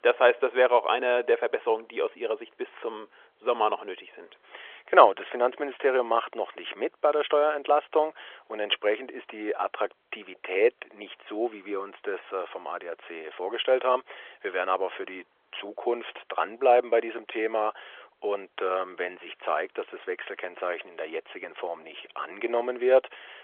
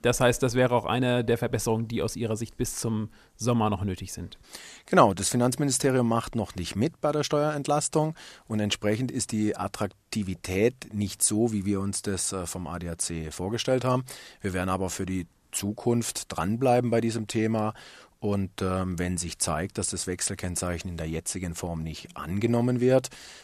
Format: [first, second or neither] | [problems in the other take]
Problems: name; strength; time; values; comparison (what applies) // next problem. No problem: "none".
second | phone-call audio; nothing above 3.5 kHz